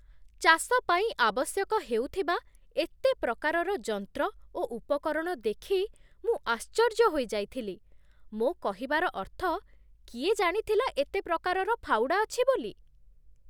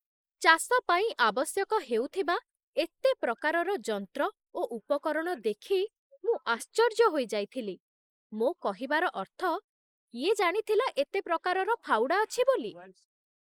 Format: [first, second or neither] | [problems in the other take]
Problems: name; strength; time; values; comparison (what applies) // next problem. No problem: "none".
first | noise reduction (neural mask model Resemble Enhance denoiser)